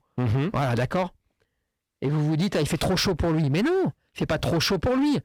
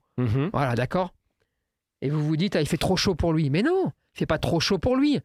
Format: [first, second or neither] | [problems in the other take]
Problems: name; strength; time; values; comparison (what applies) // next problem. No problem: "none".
second | distortion; slight; 17% of the sound clipped